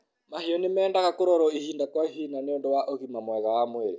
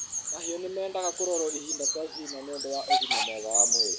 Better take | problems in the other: first | background sound (Bird vocalization, bird call, bird song + Hiss / Alarm / Train); 5 dB above the speech

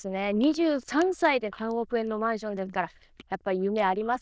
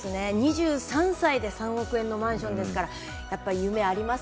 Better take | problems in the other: second | noise reduction (neural diffusion model UNIVERSE++)

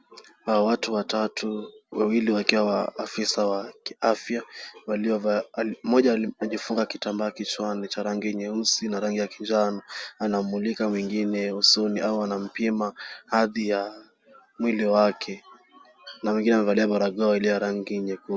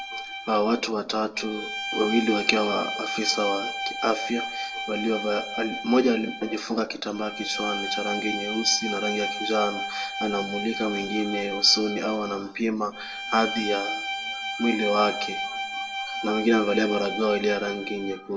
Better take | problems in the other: first | background sound (Bowed string instrument); 6 dB below the speech // room echo; dies away in 0.5 s

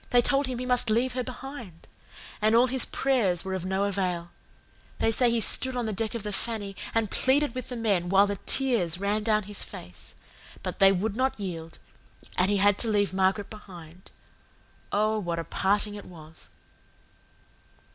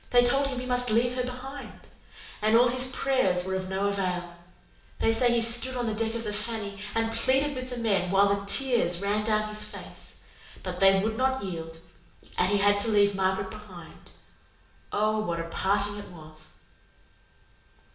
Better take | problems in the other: first | room echo; dies away in 0.7 s

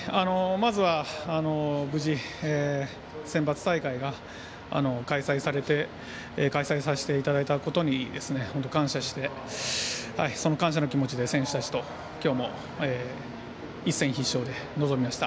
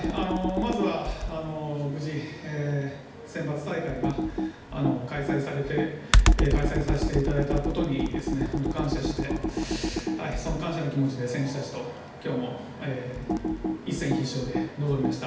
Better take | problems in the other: first | background sound (Computer keyboard); 1 dB above the speech // room echo; dies away in 0.8 s

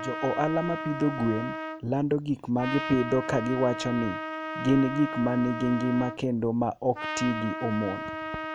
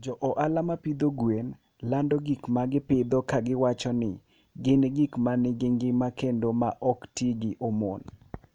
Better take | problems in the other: second | background sound (Trumpet); 7 dB below the speech

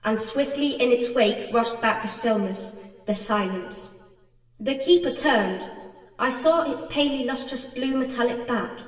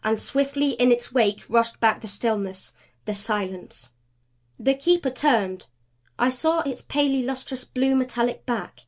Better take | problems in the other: second | room echo; dies away in 1.4 s

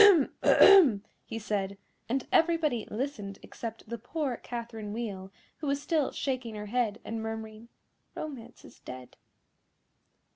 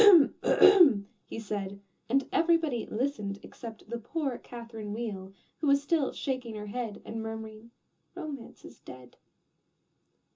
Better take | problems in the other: first | room echo; dies away in 0.2 s

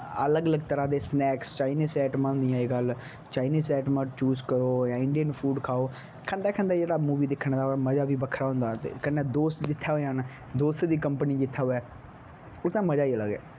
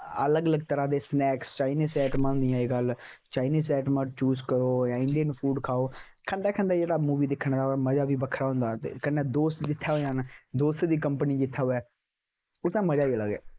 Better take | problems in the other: first | noise reduction (neural mask model Resemble Enhance denoiser)

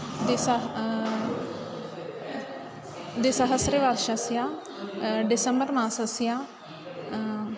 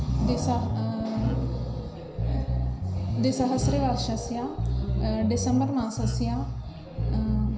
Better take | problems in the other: first | background sound (Bass guitar); as loud as the speech // room echo; dies away in 0.5 s

